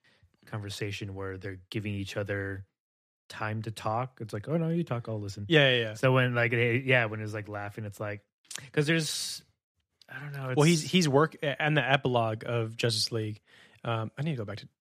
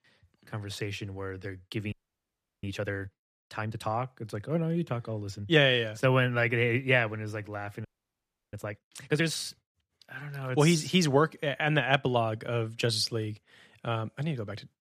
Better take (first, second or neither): first